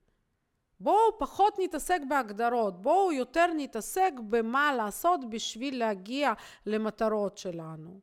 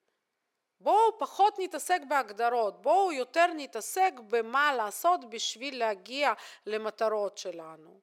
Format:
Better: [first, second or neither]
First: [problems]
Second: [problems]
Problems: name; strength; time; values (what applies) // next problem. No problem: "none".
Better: first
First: none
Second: thin; somewhat; fading below 500 Hz